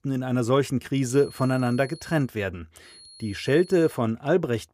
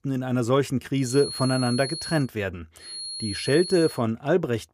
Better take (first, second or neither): first